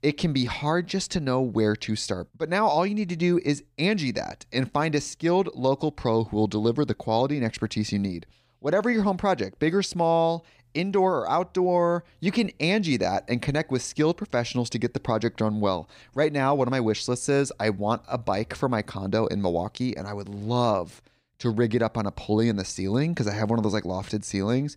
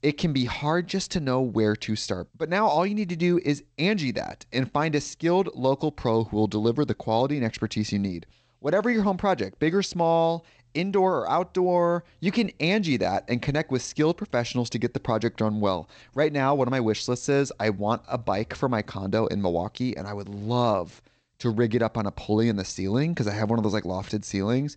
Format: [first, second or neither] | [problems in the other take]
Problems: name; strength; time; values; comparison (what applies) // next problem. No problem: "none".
first | garbled, watery; slightly; nothing above 7.5 kHz